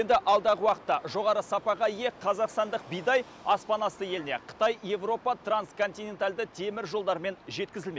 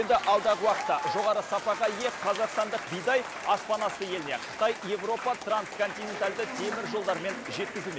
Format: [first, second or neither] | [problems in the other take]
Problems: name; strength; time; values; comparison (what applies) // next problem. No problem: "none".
first | background sound (Applause / Crowd / Cheering); 7 dB below the speech